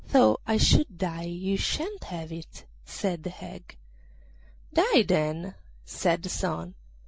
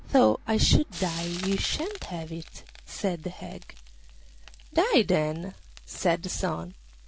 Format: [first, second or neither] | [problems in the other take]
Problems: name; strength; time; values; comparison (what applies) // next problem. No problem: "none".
first | background sound (Frying (food)); 17 dB below the speech